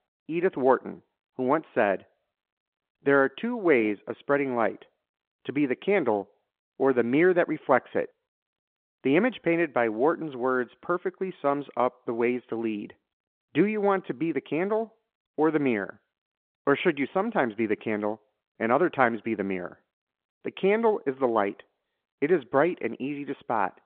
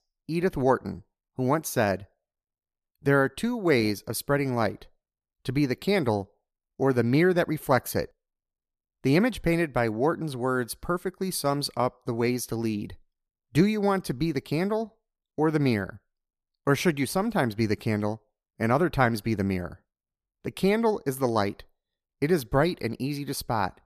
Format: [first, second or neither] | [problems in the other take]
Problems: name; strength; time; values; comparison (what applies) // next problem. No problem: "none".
second | phone-call audio